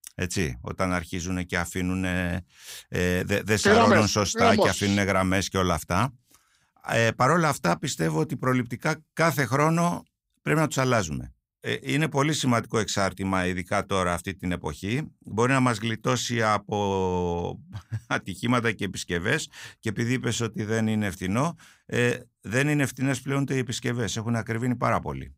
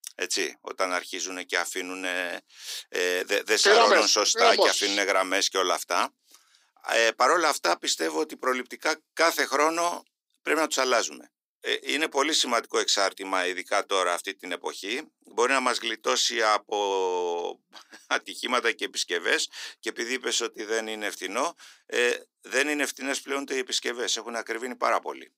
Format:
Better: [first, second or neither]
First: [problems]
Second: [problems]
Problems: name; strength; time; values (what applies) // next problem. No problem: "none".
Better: first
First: none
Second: thin; very; fading below 300 Hz